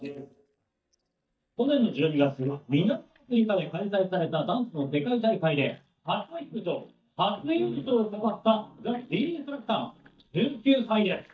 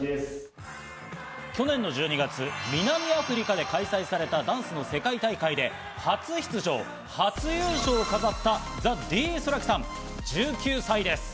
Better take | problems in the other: second | noise reduction (neural mask model DeepFilterNet 3)

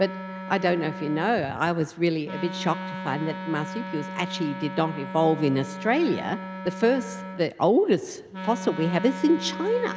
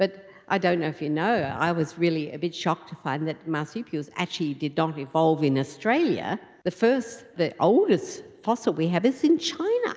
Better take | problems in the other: second | background sound (Wind instrument, woodwind instrument); 10 dB below the speech

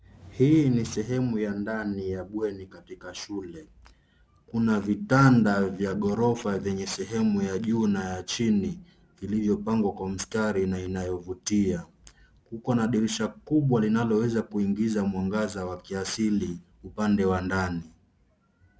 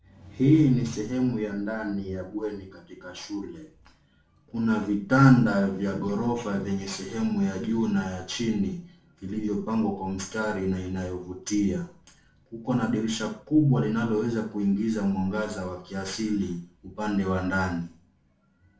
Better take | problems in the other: first | room echo; dies away in 0.4 s

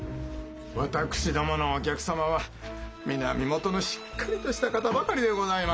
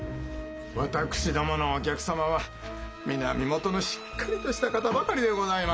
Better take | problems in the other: first | background sound (Wind instrument, woodwind instrument); 18 dB below the speech

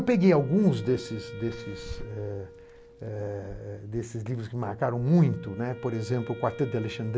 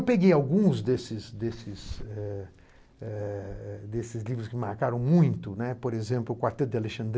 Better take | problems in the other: second | background sound (Wind instrument, woodwind instrument); 17 dB below the speech

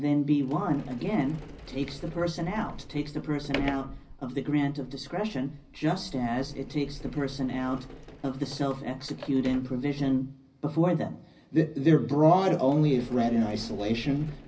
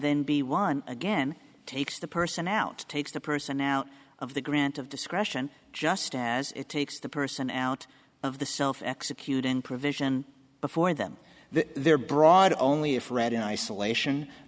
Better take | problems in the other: second | background sound (Sliding door); 16 dB below the speech // room echo; dies away in 0.4 s

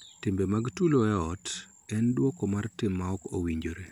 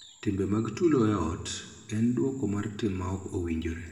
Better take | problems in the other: first | room echo; dies away in 1.3 s

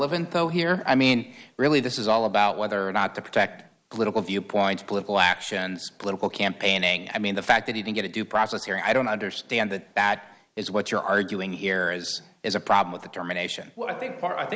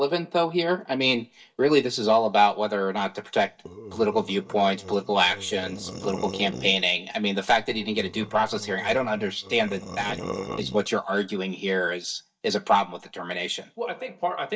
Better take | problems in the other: first | noise reduction (neural mask model DeepFilterNet 3)

